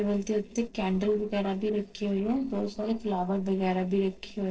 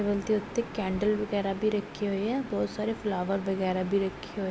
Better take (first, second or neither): second